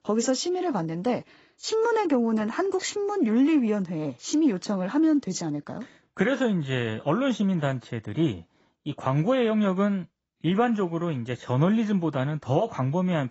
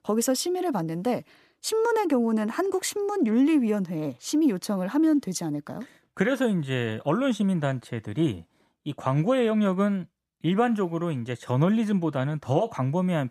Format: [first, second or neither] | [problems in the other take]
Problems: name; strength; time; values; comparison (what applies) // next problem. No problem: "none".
second | garbled, watery; badly; nothing above 7.5 kHz